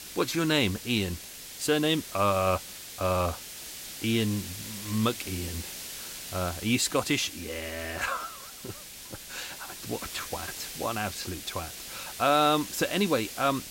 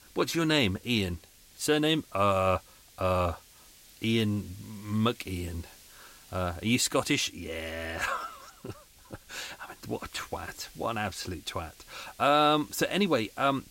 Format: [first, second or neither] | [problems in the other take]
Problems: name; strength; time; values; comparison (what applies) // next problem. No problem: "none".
second | hiss; loud; throughout; 10 dB below the speech; faint in the second